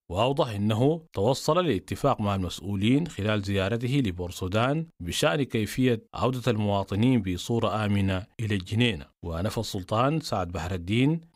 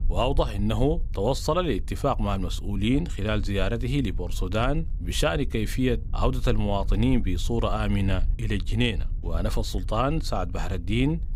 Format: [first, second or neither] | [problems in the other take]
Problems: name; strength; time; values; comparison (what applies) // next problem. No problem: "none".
first | low rumble; faint; throughout; 25 dB below the speech